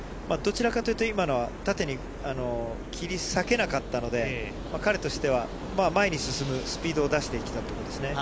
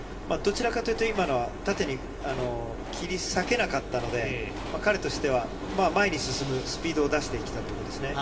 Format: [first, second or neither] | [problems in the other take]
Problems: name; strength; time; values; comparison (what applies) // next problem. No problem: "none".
first | background sound (Train); 14 dB below the speech // room echo; dies away in 0.9 s